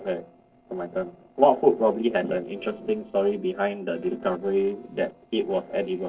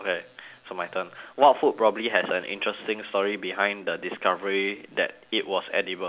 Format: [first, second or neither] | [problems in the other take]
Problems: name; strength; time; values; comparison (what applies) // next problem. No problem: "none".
second | noise reduction (neural separator model SepFormer DNS4)